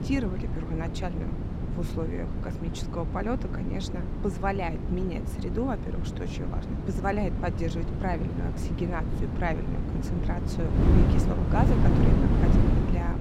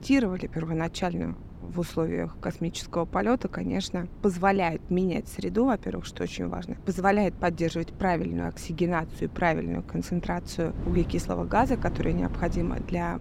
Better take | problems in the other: second | wind noise on the microphone; heavy; 2 dB below the speech; occasional gusts in the second

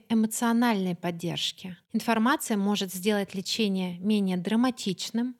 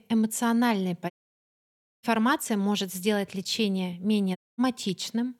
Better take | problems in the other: first | audio cutting out; at 1 s for 1 s and at 4.5 s

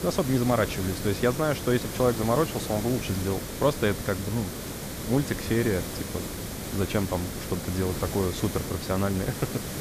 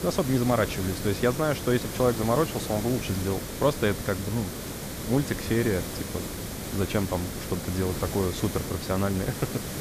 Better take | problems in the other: neither | hiss; loud; throughout; 6 dB below the speech; the same in both

